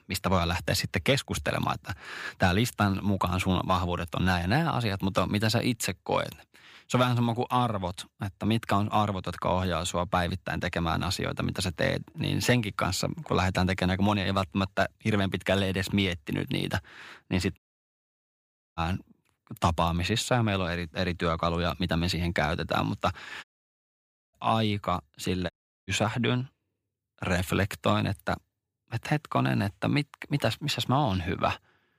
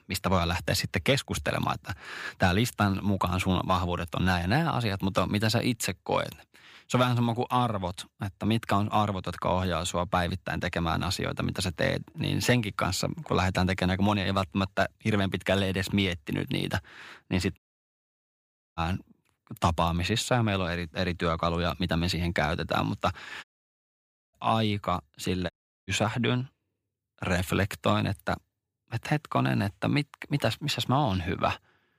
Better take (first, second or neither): neither